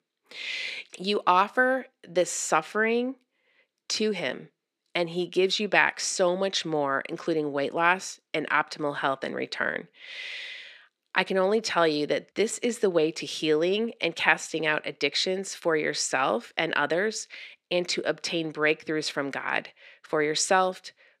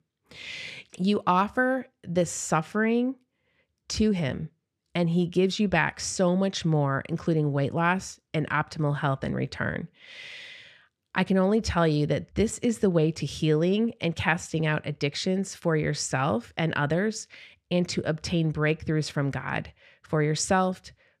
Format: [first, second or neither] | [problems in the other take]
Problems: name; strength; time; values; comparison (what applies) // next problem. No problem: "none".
second | thin; somewhat; fading below 300 Hz